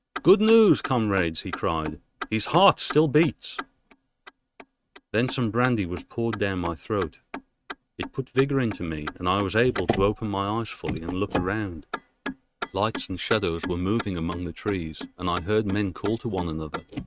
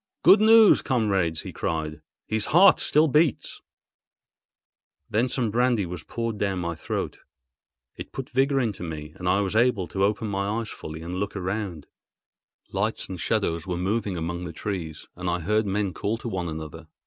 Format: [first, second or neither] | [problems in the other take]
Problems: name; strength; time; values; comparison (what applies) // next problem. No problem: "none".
second | noise reduction (neural mask model RNNoise)